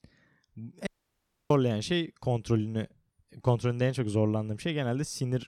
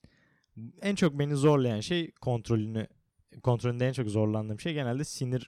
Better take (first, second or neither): second